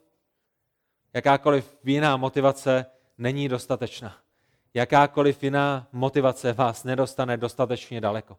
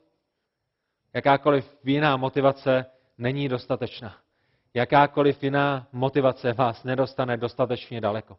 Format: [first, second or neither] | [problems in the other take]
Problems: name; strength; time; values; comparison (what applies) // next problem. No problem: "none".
first | garbled, watery; badly; nothing above 5.5 kHz